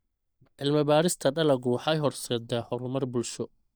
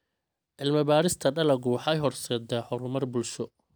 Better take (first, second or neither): second